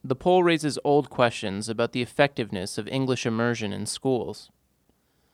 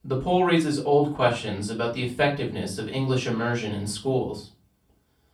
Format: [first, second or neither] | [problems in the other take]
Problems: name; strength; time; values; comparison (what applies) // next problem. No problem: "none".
first | off-mic speech; far // room echo; slight; dies away in 0.3 s